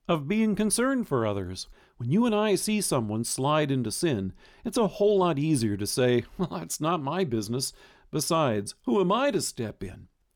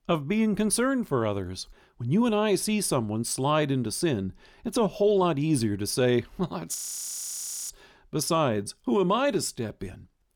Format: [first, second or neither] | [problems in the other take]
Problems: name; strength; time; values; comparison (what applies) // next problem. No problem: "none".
first | audio freezing; at 7 s for 1 s